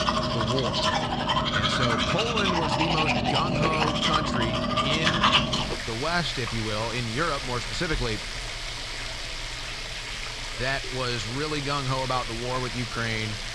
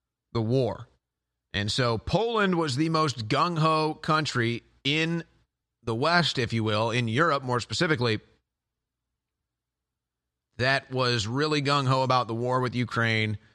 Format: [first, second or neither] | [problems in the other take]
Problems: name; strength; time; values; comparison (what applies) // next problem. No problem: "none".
second | household noises; very loud; throughout; 3 dB above the speech